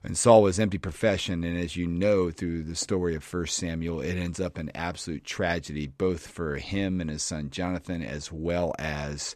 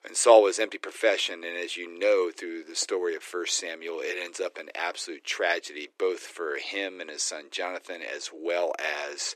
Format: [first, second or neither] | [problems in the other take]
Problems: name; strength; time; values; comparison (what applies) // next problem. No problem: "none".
first | thin; very; fading below 350 Hz